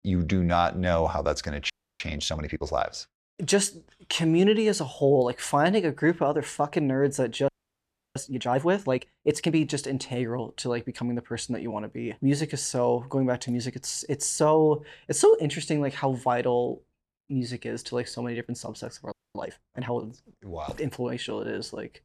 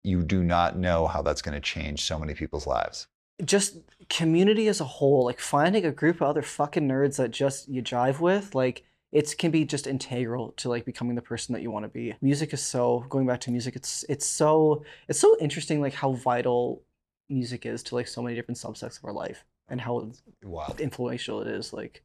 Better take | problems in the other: second | audio freezing; at 1.5 s, at 7.5 s for 0.5 s and at 19 s

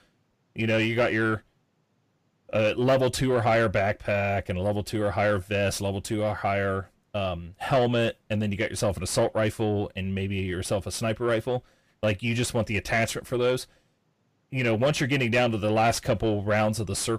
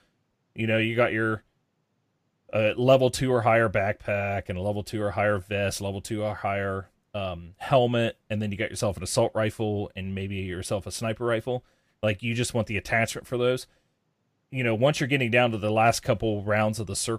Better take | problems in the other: second | distortion; slight; 10 dB below the speech

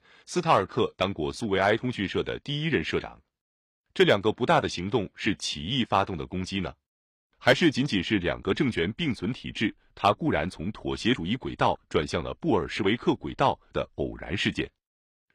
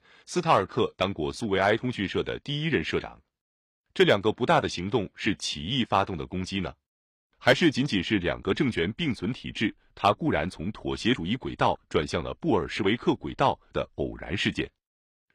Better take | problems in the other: neither | none

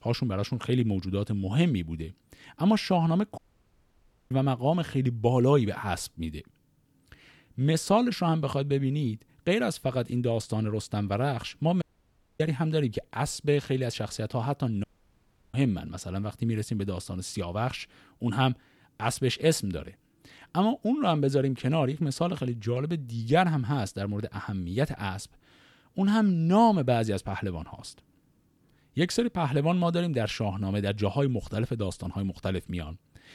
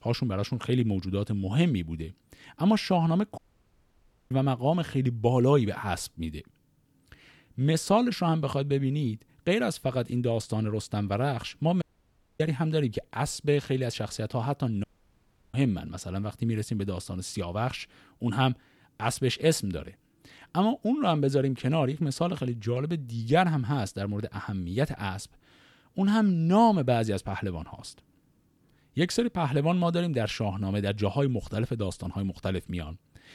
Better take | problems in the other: neither | audio cutting out; at 3.5 s for 1 s, at 12 s for 0.5 s and at 15 s for 0.5 s; the same in both

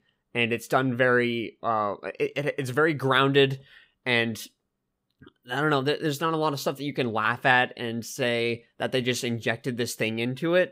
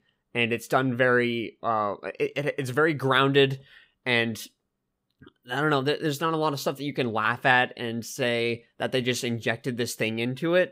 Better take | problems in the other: neither | none

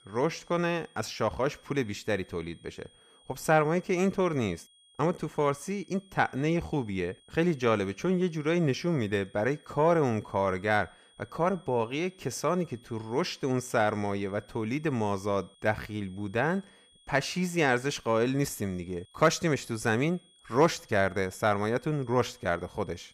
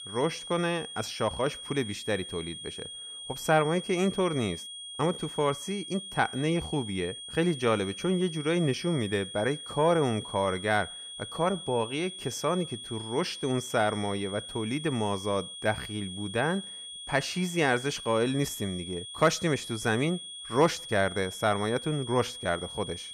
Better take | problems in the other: first | high-pitched whine; loud; throughout; 3.5 kHz, 10 dB below the speech; faint in the first

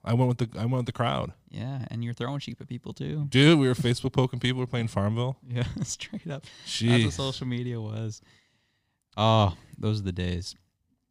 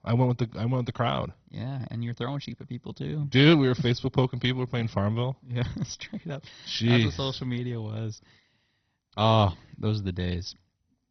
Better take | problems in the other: first | garbled, watery; badly; nothing above 6 kHz

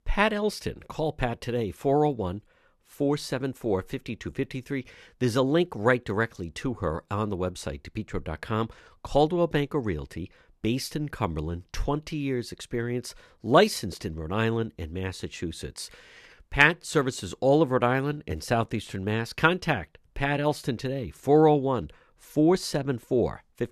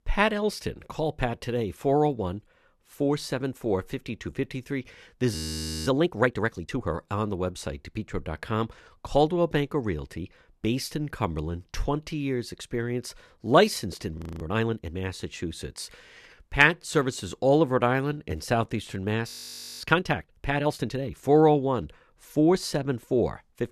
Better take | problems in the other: first | audio freezing; at 5.5 s for 0.5 s, at 14 s and at 19 s for 0.5 s

